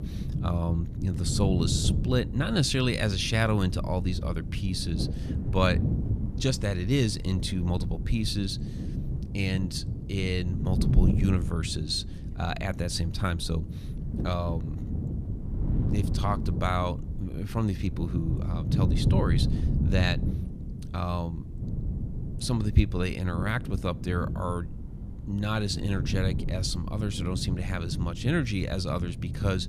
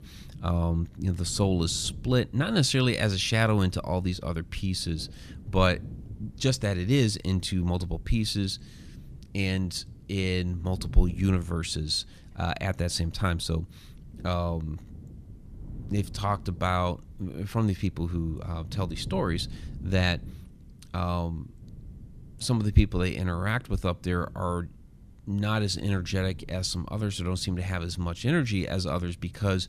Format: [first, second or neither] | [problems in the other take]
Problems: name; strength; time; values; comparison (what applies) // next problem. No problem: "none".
second | wind noise on the microphone; heavy; 10 dB below the speech; occasional gusts in the second